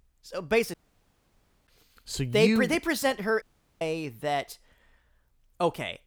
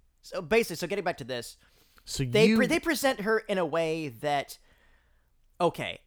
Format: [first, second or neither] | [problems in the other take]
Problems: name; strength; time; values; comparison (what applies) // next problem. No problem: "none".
second | audio cutting out; at 0.5 s for 1 s and at 3.5 s